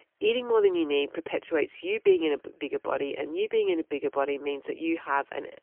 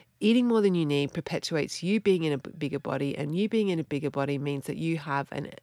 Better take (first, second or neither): second